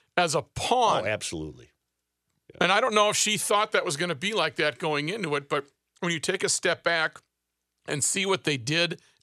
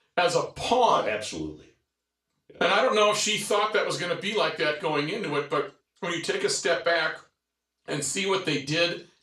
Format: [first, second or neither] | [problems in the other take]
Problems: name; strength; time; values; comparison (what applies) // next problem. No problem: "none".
first | room echo; slight; dies away in 0.3 s // off-mic speech; far